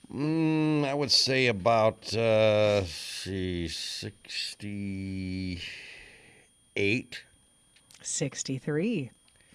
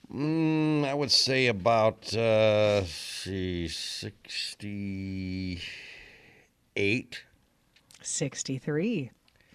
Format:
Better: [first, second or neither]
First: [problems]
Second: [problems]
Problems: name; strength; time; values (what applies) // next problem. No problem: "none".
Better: second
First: high-pitched whine; faint; throughout; 9.5 kHz, 35 dB below the speech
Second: none